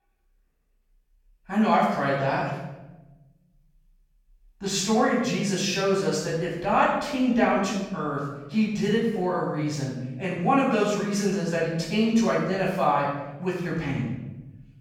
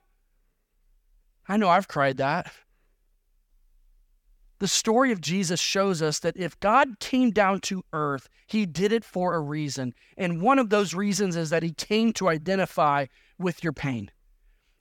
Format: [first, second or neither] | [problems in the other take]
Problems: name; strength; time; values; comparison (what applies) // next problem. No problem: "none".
second | room echo; noticeable; dies away in 1 s // off-mic speech; far